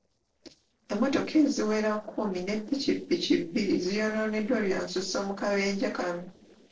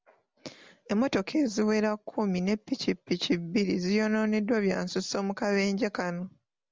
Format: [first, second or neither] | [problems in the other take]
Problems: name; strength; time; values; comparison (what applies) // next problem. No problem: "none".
second | noise reduction (neural separator model SepFormer DNS4)